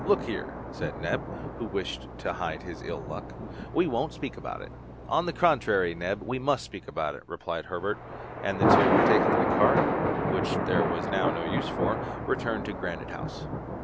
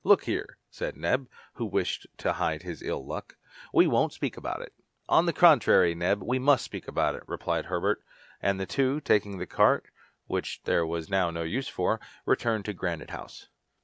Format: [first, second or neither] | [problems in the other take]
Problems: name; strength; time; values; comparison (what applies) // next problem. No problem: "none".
second | background sound (Thunder); 1 dB above the speech